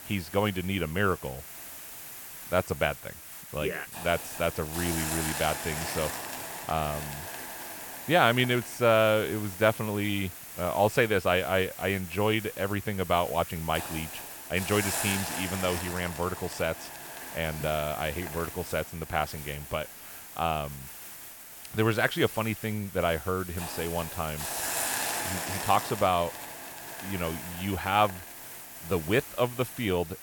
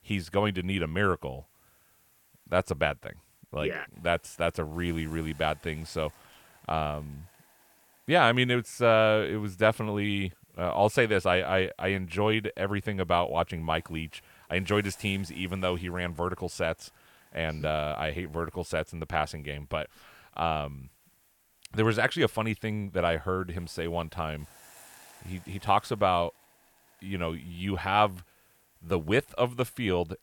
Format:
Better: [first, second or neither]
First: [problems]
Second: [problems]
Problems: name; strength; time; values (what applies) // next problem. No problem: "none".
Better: second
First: hiss; loud; throughout; 8 dB below the speech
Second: hiss; faint; throughout; 30 dB below the speech